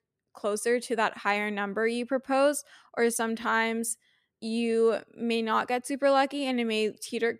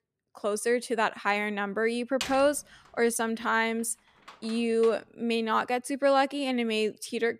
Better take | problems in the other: first | door banging; noticeable; from 2 to 5 s; peak 8 dB below the speech

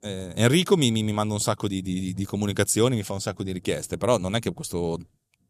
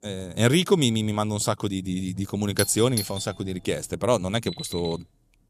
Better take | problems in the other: first | doorbell; noticeable; at 2.5 s; peak 5 dB below the speech // alarm; faint; at 4.5 s; peak 10 dB below the speech

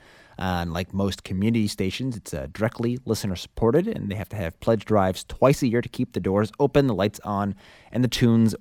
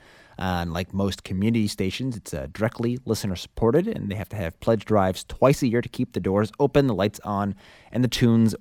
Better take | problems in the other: neither | none

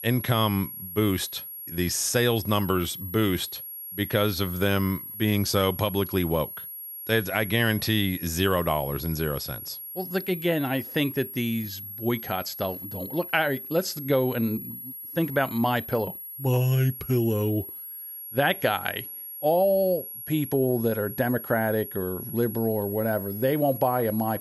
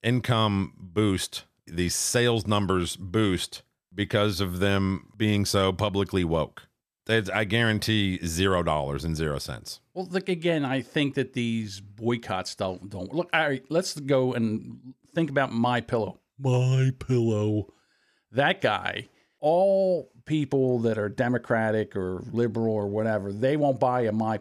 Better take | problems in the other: second | high-pitched whine; loud; throughout; 11.5 kHz, 9 dB below the speech

